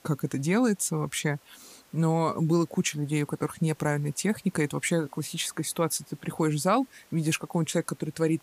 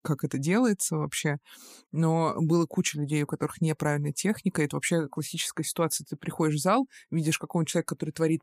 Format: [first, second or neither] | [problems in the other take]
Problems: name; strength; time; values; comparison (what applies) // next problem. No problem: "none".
second | hiss; faint; throughout; 30 dB below the speech